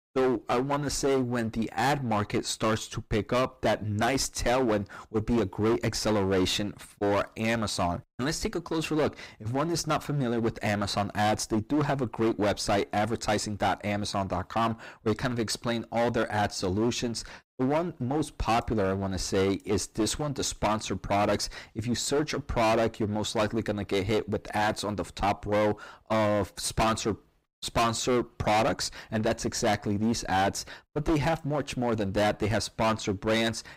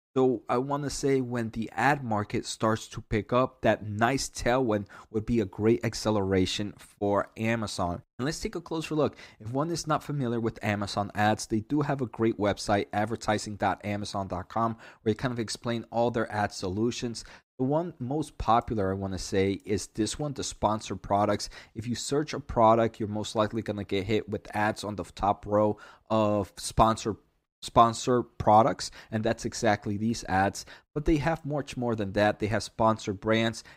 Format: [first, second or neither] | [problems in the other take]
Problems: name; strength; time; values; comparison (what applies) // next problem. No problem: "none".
second | distortion; heavy; 17% of the sound clipped